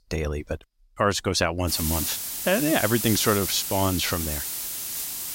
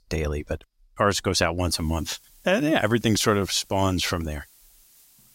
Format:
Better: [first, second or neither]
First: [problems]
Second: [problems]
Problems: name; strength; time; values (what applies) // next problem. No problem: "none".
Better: second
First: hiss; loud; from 1.5 s on; 3 dB below the speech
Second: hiss; faint; from 1.5 s on; 30 dB below the speech